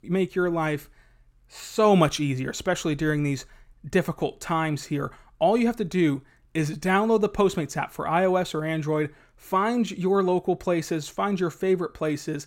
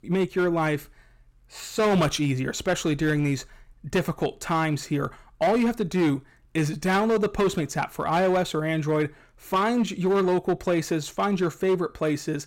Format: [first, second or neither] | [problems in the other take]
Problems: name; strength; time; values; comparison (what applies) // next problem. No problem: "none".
first | distortion; slight; 8% of the sound clipped